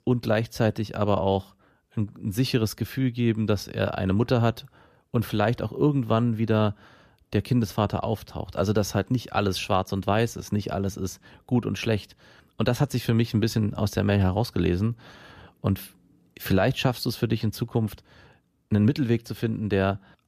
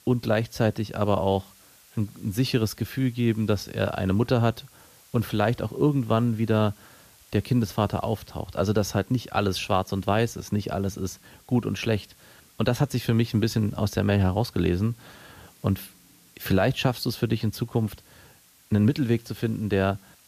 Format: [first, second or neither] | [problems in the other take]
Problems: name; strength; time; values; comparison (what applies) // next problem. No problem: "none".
first | hiss; faint; throughout; 25 dB below the speech